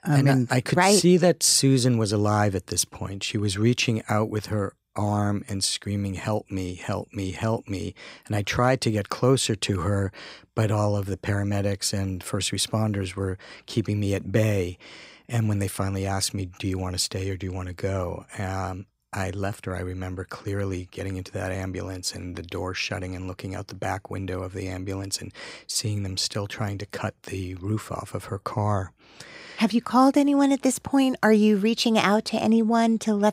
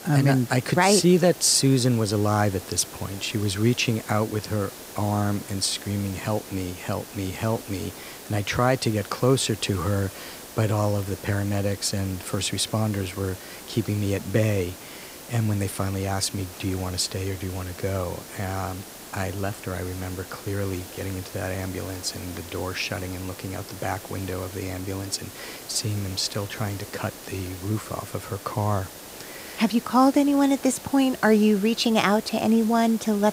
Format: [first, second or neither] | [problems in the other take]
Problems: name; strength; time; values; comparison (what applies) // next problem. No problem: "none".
first | hiss; noticeable; throughout; 15 dB below the speech